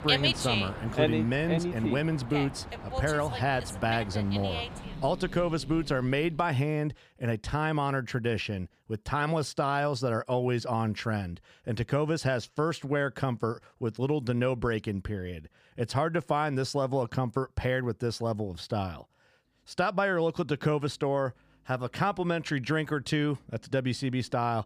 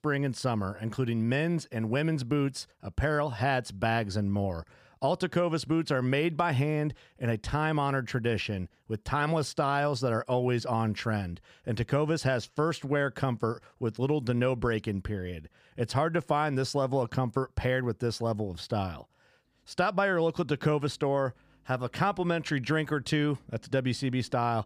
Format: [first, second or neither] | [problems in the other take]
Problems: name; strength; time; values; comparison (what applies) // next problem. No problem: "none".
second | animal sounds; loud; until 6 s; 3 dB below the speech